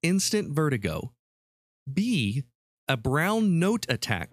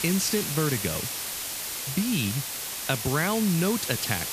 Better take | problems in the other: first | hiss; loud; throughout; 2 dB below the speech

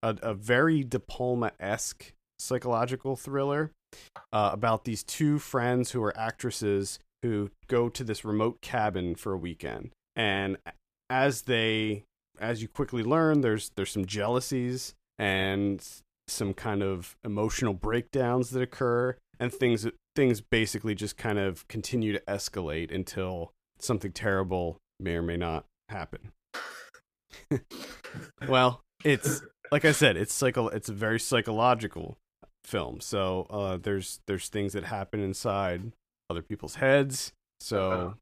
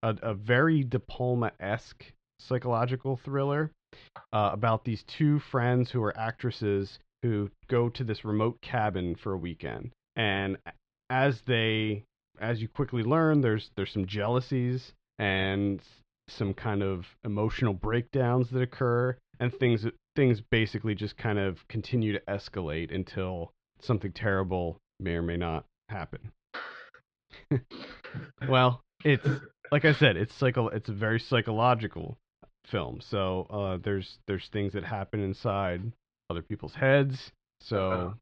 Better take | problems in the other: first | muffled; slightly; fading above 4 kHz

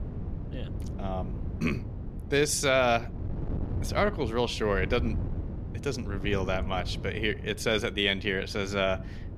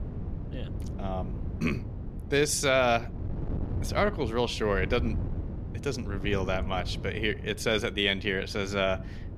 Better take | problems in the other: neither | wind noise on the microphone; occasional gusts; 20 dB below the speech; the same in both

